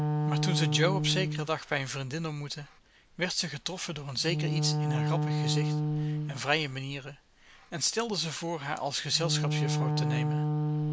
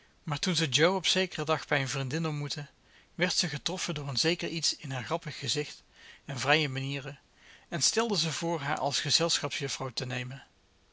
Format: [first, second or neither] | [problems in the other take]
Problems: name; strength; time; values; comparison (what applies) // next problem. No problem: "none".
second | background sound (Wind instrument, woodwind instrument); 2 dB above the speech